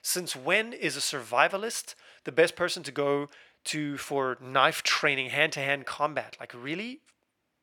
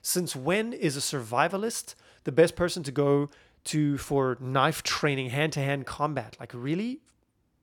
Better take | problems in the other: second | thin; somewhat; fading below 400 Hz

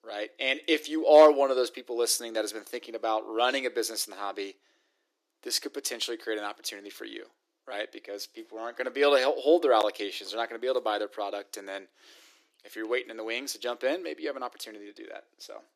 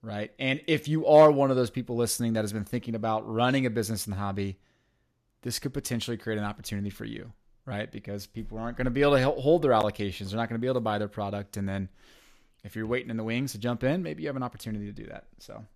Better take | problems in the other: second | thin; very; fading below 300 Hz

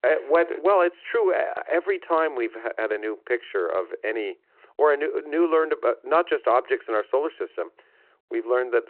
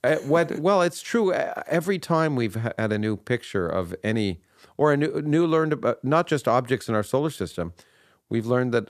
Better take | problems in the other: second | phone-call audio

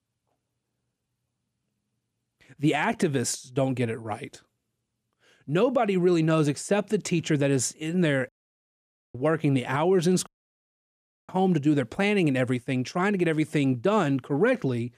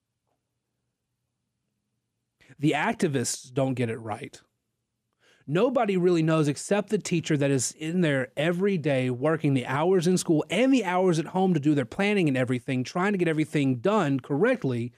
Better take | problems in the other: second | audio cutting out; at 8.5 s for 1 s and at 10 s for 1 s

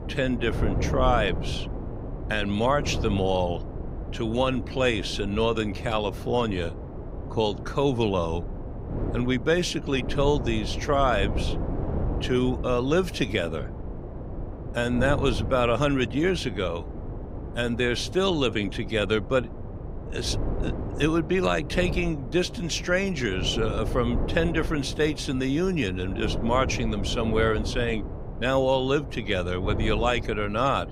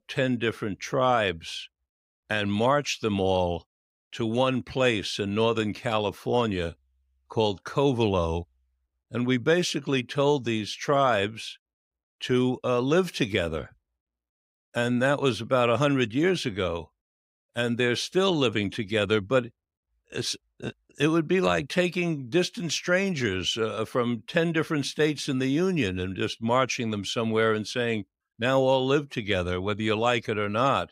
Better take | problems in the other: second | wind noise on the microphone; occasional gusts; 15 dB below the speech

